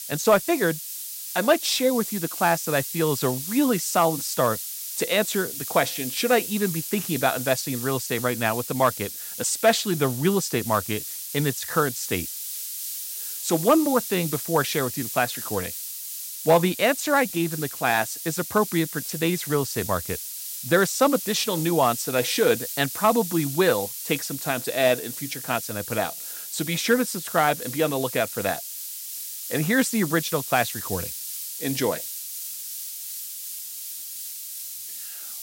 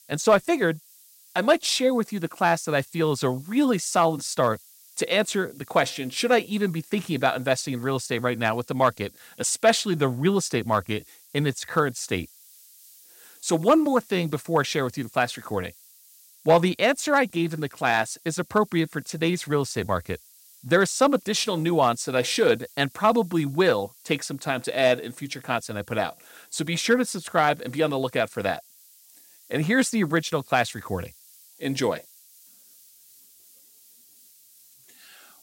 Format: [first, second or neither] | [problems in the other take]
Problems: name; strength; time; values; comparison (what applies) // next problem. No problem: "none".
second | hiss; loud; throughout; 7 dB below the speech; faint in the second